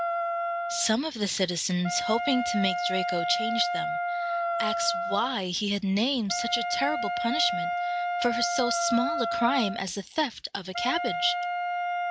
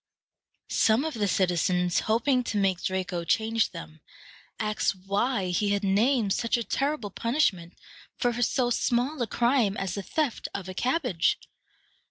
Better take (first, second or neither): second